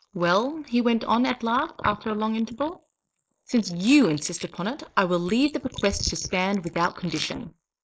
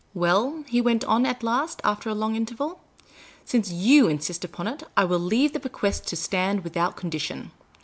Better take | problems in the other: second | noise reduction (neural mask model Resemble Enhance denoiser)

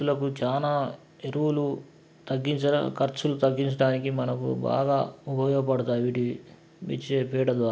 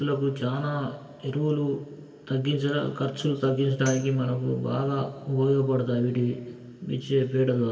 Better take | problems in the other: first | background sound (Tambourine); 19 dB below the speech // room echo; dies away in 1.8 s

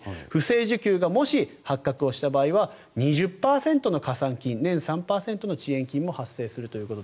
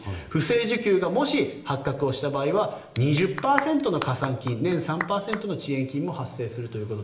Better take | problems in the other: first | background sound (Clapping); 11 dB below the speech // room echo; dies away in 1 s

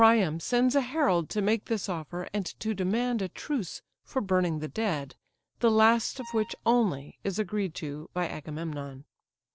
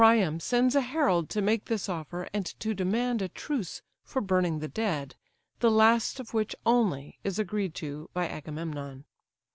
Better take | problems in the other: second | noise reduction (neural separator model SepFormer DNS4)

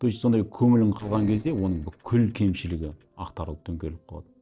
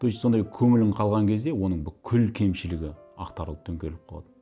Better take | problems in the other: second | noise reduction (neural separator model SepFormer DNS4)

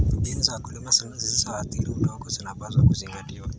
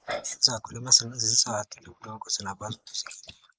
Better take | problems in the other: first | noise reduction (neural mask model Resemble Enhance denoiser)

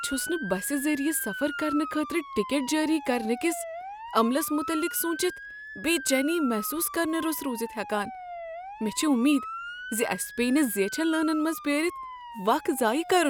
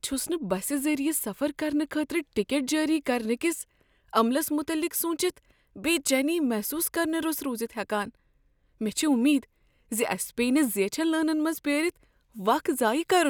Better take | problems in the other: second | background sound (Motor vehicle (road) / Siren); 11 dB below the speech

